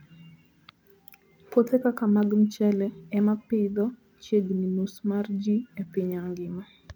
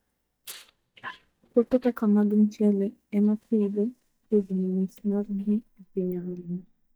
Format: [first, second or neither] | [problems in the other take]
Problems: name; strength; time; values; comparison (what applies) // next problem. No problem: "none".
first | noise reduction (neural mask model DeepFilterNet 3)